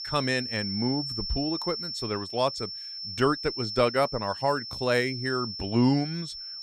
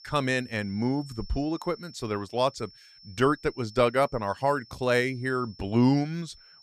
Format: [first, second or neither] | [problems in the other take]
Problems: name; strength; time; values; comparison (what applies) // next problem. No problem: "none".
second | high-pitched whine; loud; throughout; 5.5 kHz, 6 dB below the speech; faint in the second